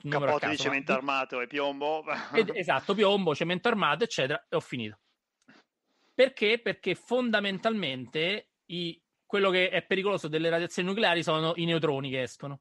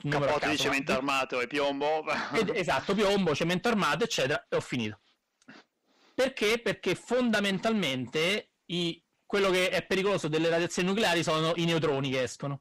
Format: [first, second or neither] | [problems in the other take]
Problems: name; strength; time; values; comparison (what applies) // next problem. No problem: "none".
first | distortion; heavy; 7 dB below the speech